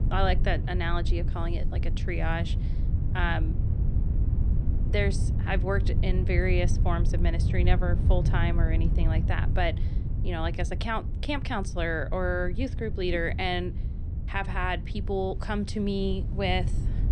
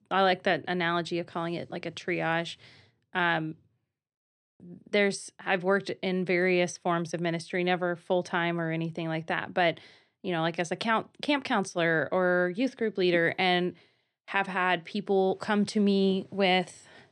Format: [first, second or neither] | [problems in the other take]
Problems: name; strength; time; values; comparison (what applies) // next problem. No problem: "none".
second | low rumble; noticeable; throughout; 10 dB below the speech